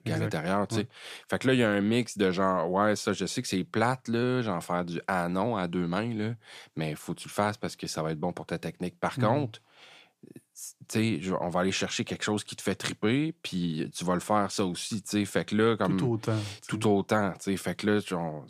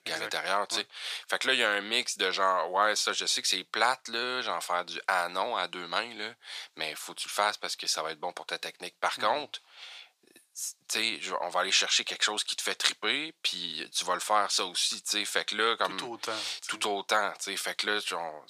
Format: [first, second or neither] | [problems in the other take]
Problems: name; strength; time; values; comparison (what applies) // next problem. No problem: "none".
first | thin; very; fading below 800 Hz